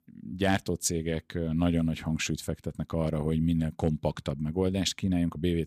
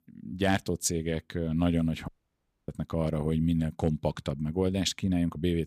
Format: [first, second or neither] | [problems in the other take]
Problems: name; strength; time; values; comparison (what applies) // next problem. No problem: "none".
first | audio cutting out; at 2 s for 0.5 s